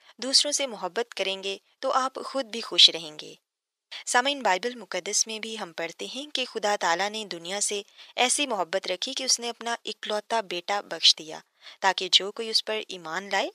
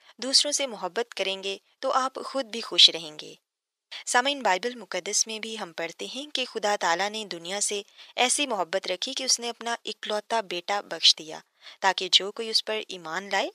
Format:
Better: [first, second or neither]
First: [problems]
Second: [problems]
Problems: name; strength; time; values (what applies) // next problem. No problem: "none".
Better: neither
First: thin; somewhat; fading below 500 Hz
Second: thin; somewhat; fading below 500 Hz